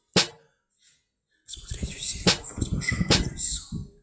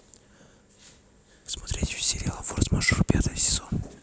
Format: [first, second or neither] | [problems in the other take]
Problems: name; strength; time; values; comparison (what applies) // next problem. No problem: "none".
second | noise reduction (classical method WPE with log-MMSE)